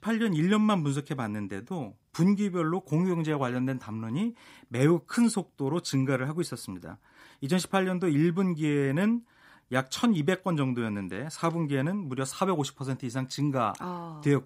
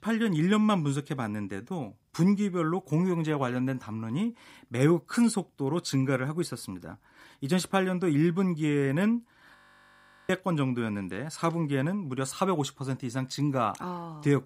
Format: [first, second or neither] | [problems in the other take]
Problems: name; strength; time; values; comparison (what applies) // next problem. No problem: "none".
first | audio freezing; at 9.5 s for 0.5 s